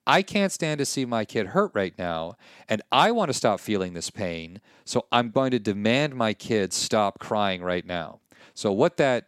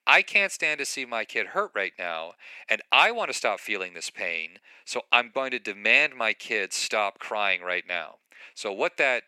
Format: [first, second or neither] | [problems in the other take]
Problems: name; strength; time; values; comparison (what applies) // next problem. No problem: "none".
first | thin; somewhat; fading below 500 Hz